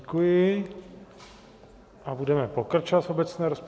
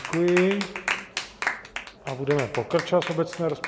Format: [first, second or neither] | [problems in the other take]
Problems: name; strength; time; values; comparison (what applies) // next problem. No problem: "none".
first | background sound (Clapping); 7 dB below the speech